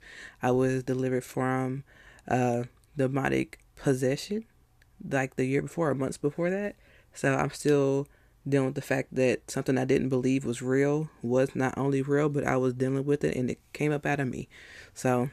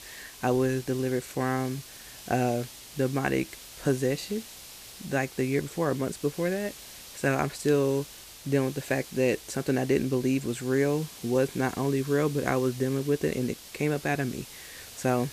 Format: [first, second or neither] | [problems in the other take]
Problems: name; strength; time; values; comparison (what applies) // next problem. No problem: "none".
first | hiss; noticeable; throughout; 15 dB below the speech